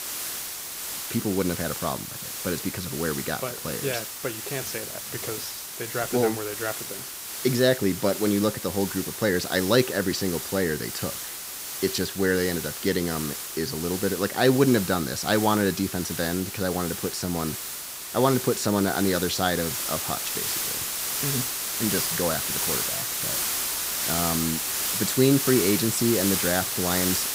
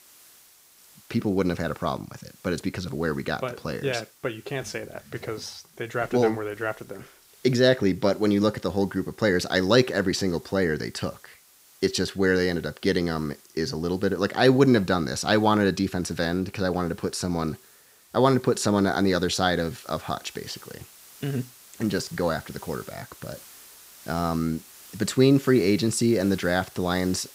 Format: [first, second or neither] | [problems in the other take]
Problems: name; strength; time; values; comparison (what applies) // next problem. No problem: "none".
second | hiss; loud; throughout; 2 dB below the speech; faint in the second